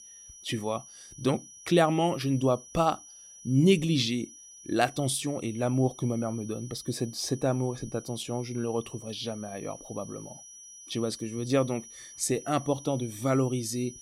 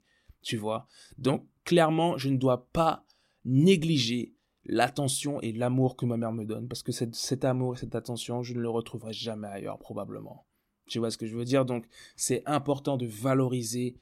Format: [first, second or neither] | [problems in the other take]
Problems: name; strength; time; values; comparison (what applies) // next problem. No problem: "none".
second | high-pitched whine; noticeable; throughout; 6 kHz, 15 dB below the speech